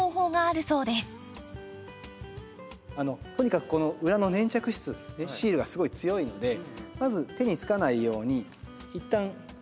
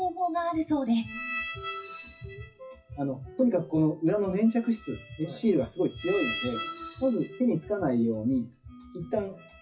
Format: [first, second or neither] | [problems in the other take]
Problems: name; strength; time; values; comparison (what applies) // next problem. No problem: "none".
first | noise reduction (classical method WPE with log-MMSE)